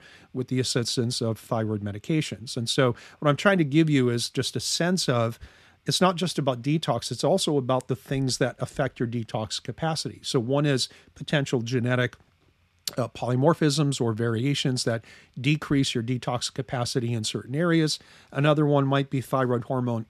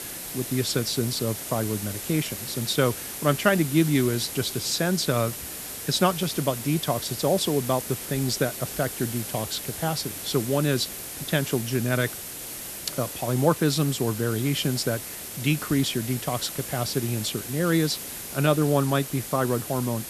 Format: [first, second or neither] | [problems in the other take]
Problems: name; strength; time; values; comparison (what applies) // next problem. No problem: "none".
first | hiss; loud; throughout; 7 dB below the speech